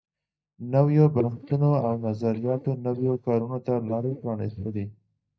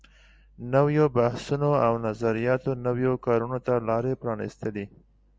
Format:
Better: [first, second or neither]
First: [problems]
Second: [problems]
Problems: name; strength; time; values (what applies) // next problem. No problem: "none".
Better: second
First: noise reduction (neural mask model DeepFilterNet 3)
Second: none